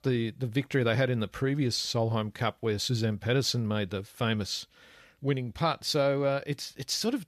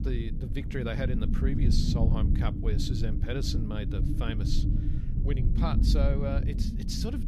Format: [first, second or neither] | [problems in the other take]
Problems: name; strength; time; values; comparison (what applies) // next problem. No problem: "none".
first | low rumble; loud; throughout; 4 dB below the speech